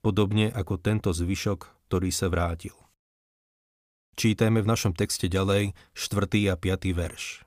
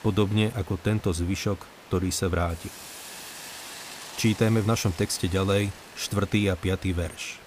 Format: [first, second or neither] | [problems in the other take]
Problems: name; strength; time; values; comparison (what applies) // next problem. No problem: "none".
first | hiss; noticeable; throughout; 15 dB below the speech